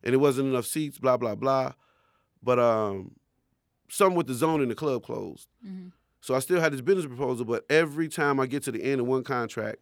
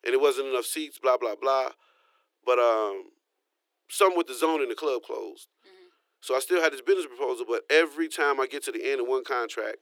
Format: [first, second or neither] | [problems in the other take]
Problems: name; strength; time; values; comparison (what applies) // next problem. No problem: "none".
first | thin; very; fading below 300 Hz